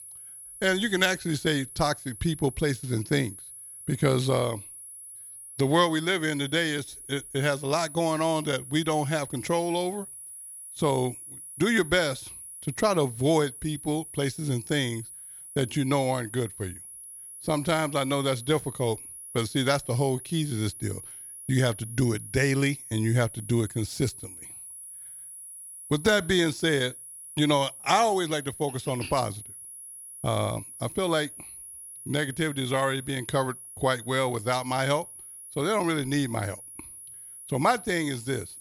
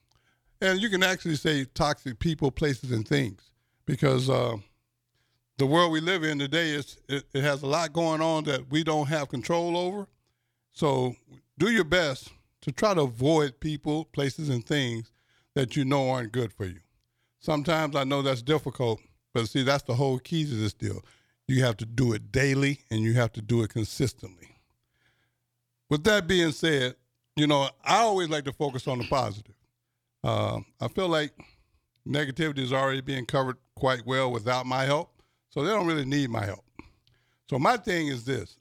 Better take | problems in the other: second | high-pitched whine; noticeable; throughout; 10.5 kHz, 15 dB below the speech

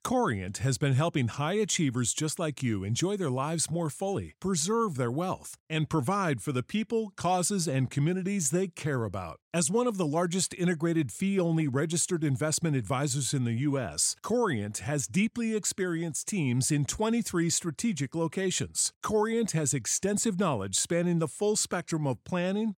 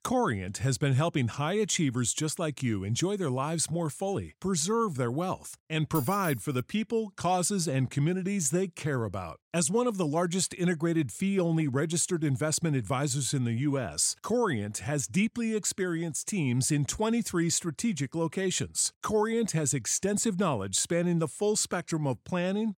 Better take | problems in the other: first | jangling keys; noticeable; at 6 s; peak 9 dB below the speech

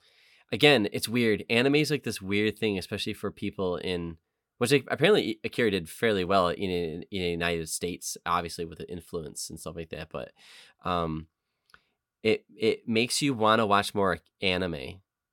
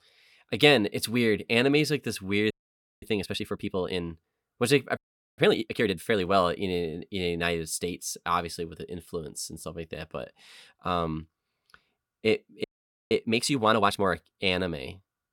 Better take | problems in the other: first | audio freezing; at 2.5 s for 0.5 s, at 5 s and at 13 s

